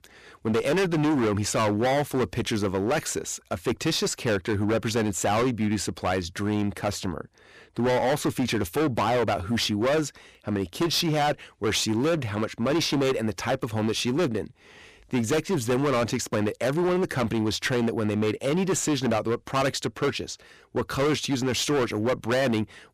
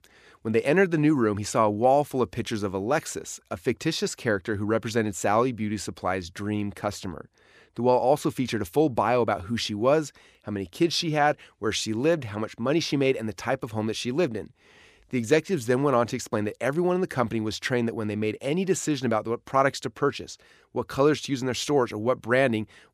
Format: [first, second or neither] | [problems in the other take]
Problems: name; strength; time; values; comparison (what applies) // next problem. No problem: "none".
second | distortion; heavy; 19% of the sound clipped